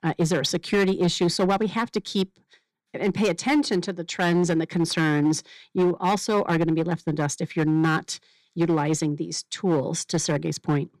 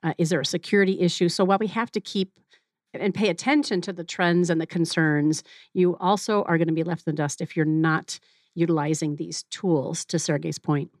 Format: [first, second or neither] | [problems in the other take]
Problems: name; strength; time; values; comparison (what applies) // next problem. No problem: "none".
second | distortion; slight; 7% of the sound clipped